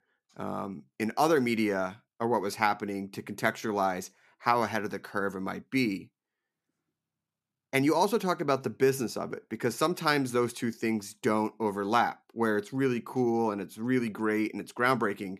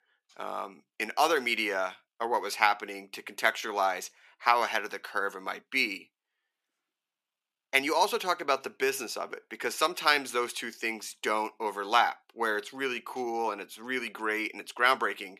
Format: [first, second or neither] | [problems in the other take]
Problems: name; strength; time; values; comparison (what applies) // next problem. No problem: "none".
first | thin; somewhat; fading below 550 Hz